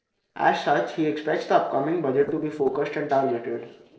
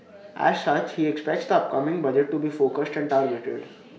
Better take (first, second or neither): second